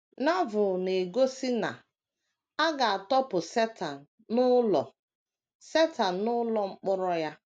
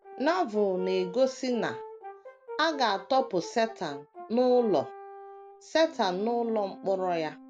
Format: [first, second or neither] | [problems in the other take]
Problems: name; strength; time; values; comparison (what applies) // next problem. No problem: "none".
first | background sound (Brass instrument); 15 dB below the speech